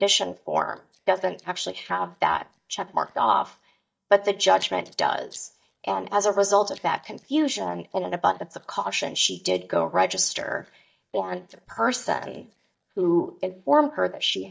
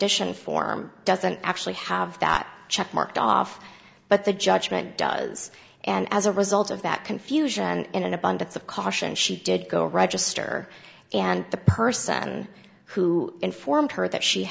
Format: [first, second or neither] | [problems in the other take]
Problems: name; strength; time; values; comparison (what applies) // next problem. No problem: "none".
second | noise reduction (neural mask model DeepFilterNet 3)